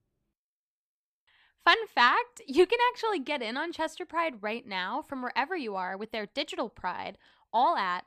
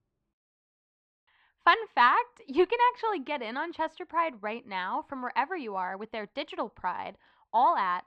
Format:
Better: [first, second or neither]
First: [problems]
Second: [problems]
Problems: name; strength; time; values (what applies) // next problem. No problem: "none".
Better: first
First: none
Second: muffled; slightly; fading above 3 kHz